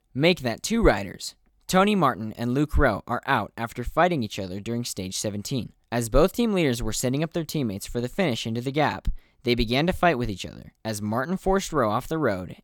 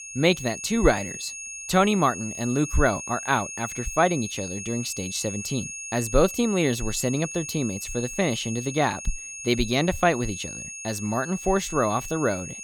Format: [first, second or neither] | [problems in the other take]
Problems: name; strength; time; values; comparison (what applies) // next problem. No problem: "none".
first | high-pitched whine; loud; throughout; 6.5 kHz, 9 dB below the speech